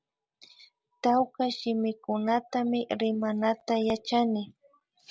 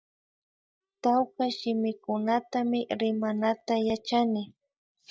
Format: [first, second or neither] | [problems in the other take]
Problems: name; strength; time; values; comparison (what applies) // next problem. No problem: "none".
first | noise reduction (neural mask model DeepFilterNet 3)